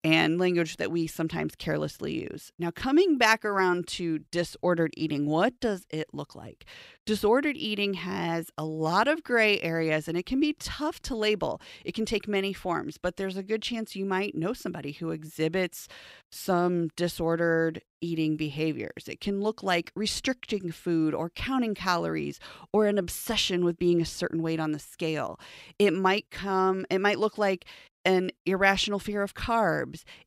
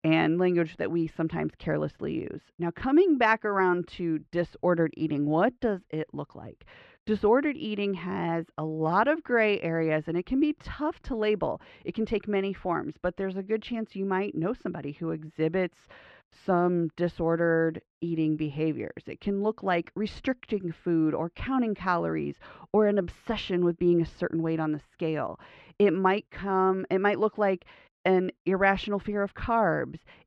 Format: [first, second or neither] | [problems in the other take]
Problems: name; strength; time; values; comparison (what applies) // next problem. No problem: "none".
first | muffled; very; fading above 2 kHz